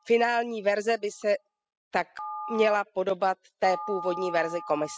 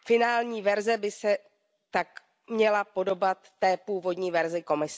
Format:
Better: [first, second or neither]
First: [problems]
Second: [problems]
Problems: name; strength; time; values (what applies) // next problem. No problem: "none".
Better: second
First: noise reduction (classical method spectral subtraction)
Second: none